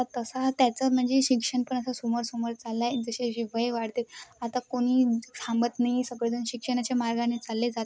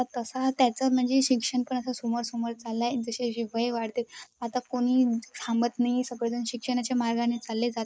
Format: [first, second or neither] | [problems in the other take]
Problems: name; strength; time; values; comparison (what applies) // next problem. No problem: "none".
first | noise reduction (neural mask model Resemble Enhance denoiser)